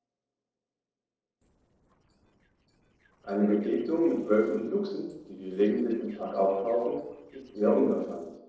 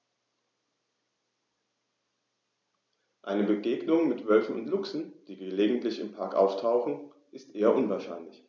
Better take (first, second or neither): second